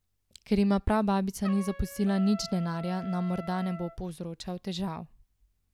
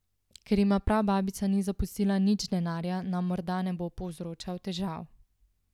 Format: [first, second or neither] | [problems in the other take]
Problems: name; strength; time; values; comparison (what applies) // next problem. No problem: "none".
second | background sound (Trumpet); 18 dB below the speech